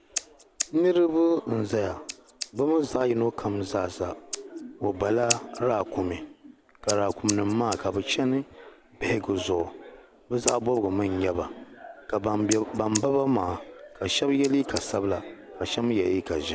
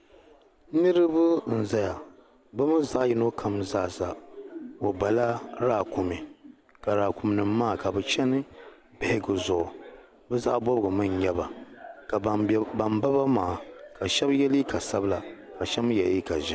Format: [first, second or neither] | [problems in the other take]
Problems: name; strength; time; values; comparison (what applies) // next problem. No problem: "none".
second | background sound (Scissors); 13 dB below the speech